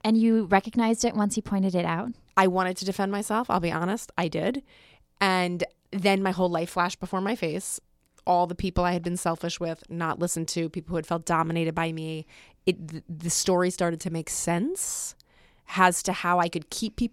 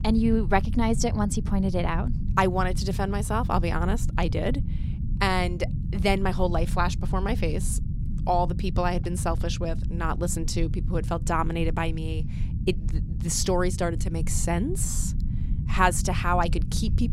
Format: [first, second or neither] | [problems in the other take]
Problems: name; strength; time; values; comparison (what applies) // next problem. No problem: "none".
first | low rumble; noticeable; throughout; 15 dB below the speech